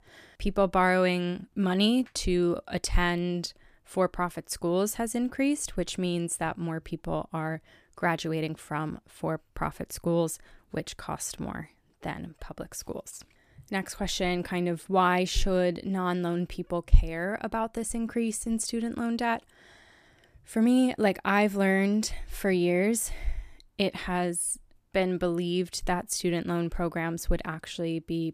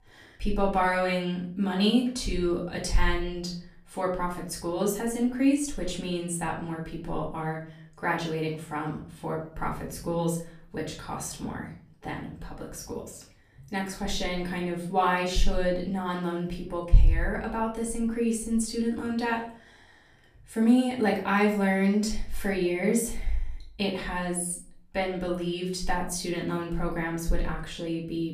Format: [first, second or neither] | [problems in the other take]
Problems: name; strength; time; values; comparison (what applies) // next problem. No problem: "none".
first | off-mic speech; far // room echo; slight; dies away in 0.4 s